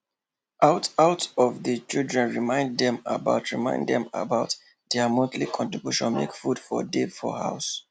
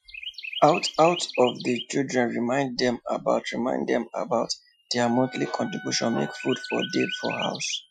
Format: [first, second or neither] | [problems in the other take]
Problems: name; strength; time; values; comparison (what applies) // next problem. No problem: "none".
first | noise reduction (classical method Wiener filter)